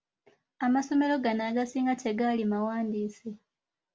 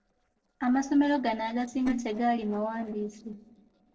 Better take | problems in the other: first | noise reduction (neural separator model SepFormer DNS4)

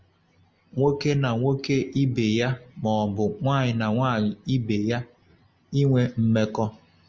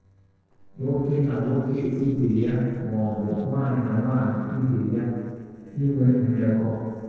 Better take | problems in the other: first | noise reduction (neural separator model SepFormer DNS4)

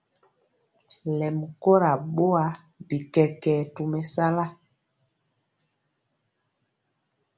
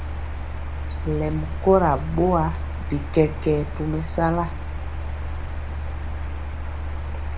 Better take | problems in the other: first | background sound (Mechanical fan); 3 dB below the speech

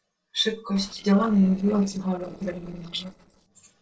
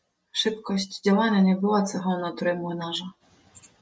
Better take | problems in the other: second | noise reduction (neural separator model SepFormer DNS4)

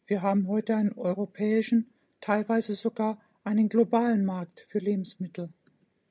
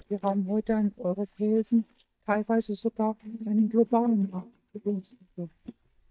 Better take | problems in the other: first | noise reduction (neural mask model DeepFilterNet 3)

